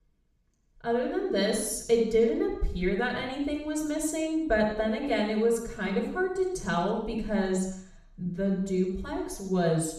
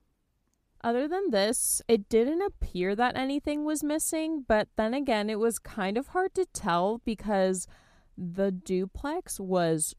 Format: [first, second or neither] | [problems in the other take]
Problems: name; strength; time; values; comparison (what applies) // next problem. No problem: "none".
second | room echo; noticeable; dies away in 0.7 s // off-mic speech; far